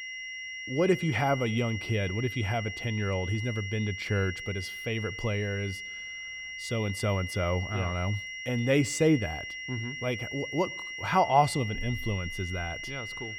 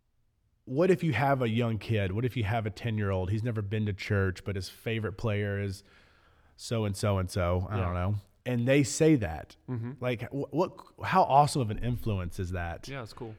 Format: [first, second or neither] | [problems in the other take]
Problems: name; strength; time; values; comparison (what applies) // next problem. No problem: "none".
second | high-pitched whine; loud; throughout; 2 kHz, 7 dB below the speech